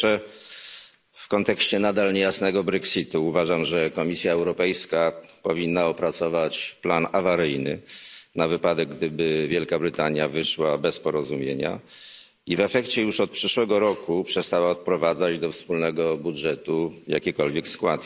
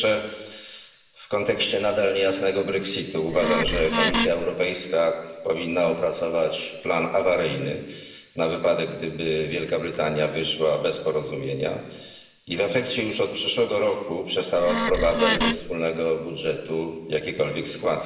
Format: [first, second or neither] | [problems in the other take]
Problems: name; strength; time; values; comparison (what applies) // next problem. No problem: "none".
first | background sound (Wood); as loud as the speech // room echo; dies away in 1.2 s